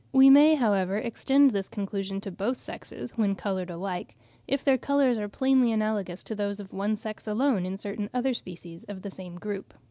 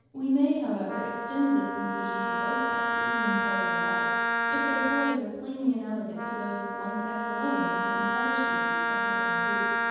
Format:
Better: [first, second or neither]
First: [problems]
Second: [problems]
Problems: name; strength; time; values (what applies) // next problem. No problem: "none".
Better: first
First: none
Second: background sound (Wind instrument, woodwind instrument); 2 dB above the speech // room echo; dies away in 1.2 s